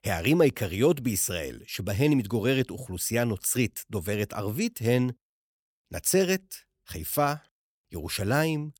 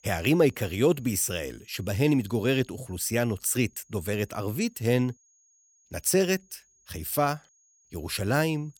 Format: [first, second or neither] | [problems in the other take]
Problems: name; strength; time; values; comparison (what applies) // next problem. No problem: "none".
first | high-pitched whine; faint; throughout; 6.5 kHz, 35 dB below the speech